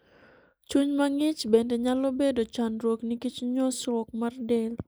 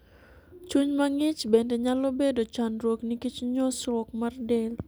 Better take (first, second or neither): second